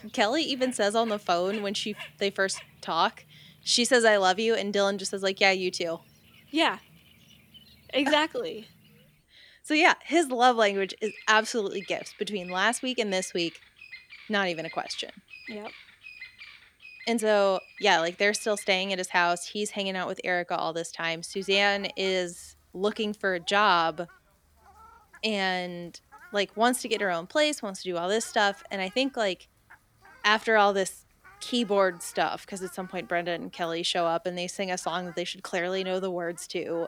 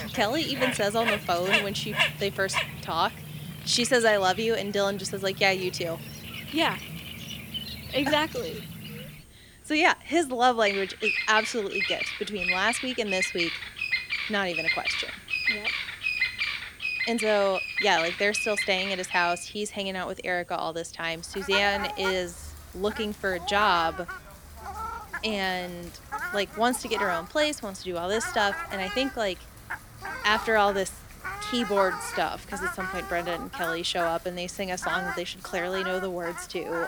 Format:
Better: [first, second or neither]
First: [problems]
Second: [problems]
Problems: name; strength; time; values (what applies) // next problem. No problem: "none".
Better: first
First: animal sounds; faint; throughout; 25 dB below the speech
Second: animal sounds; loud; throughout; 4 dB below the speech